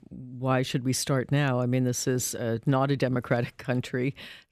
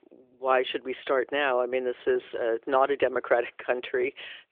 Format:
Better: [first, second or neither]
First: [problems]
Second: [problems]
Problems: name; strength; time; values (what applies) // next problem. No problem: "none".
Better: first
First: none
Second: phone-call audio; nothing above 3.5 kHz